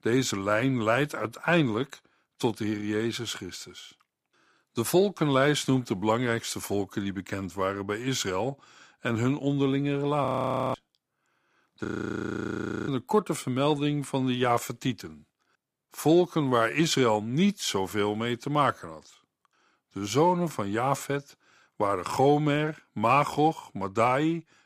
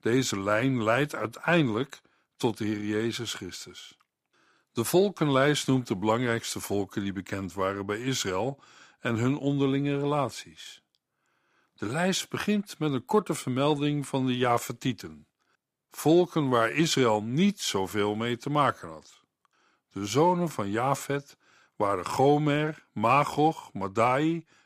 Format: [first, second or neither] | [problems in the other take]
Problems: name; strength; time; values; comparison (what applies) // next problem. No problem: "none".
second | audio freezing; at 10 s and at 12 s for 1 s